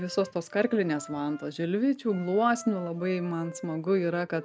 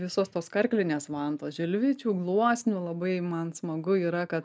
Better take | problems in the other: second | background sound (Wind instrument, woodwind instrument); 20 dB below the speech

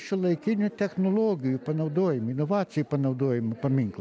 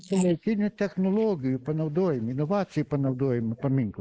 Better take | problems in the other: first | noise reduction (neural mask model Resemble Enhance denoiser)

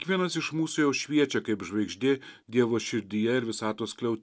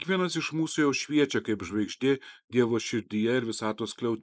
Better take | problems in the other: first | noise reduction (neural mask model Resemble Enhance denoiser)

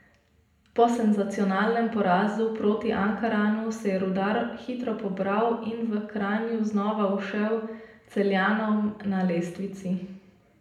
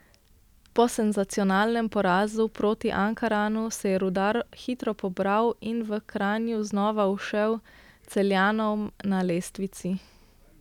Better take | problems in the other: second | room echo; dies away in 0.7 s

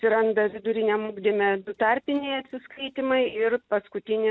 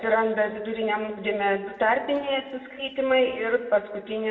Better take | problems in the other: first | room echo; dies away in 1 s

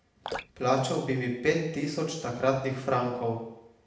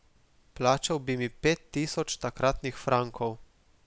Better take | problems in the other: second | background sound (Drip); 15 dB below the speech // room echo; dies away in 0.8 s

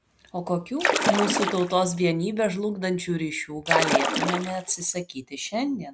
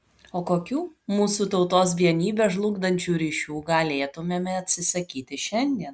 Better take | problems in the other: second | background sound (Splash, splatter); 1 dB above the speech

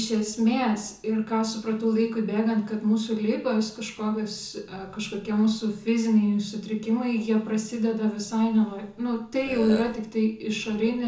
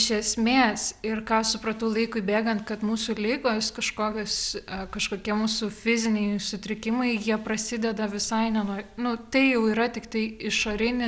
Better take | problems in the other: second | background sound (Burping, eructation); 10 dB below the speech // room echo; dies away in 0.6 s

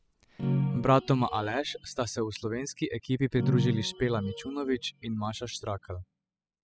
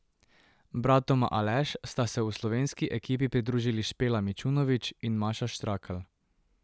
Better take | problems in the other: second | noise reduction (classical method spectral subtraction)

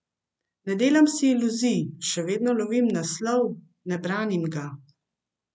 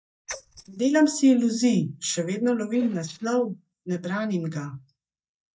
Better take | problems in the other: first | noise reduction (neural mask model DeepFilterNet 3)

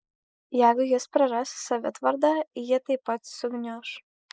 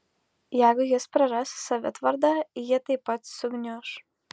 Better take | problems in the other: second | noise reduction (neural mask model Resemble Enhance denoiser)

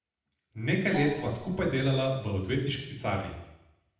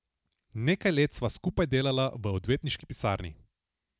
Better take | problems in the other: second | background sound (Gong); 11 dB below the speech // room echo; dies away in 0.8 s

